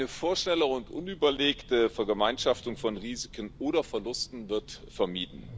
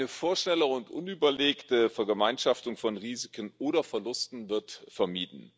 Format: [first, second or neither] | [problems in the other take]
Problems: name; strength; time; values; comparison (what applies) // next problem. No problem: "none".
second | background sound (Train); 18 dB below the speech